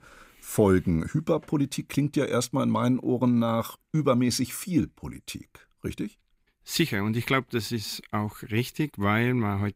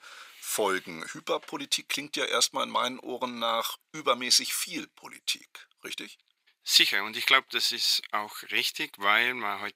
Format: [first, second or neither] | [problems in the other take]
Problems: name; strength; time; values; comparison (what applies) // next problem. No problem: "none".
first | thin; very; fading below 700 Hz